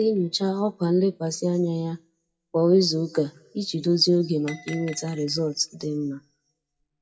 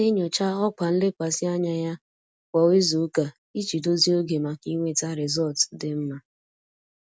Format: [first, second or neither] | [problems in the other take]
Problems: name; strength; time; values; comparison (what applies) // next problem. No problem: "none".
second | noise reduction (classical method WPE with log-MMSE)